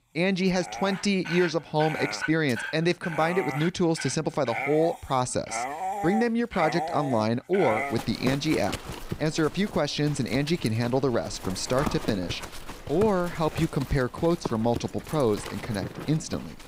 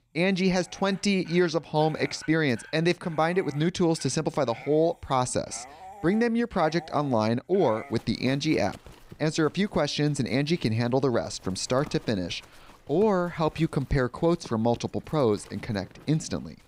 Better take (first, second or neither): second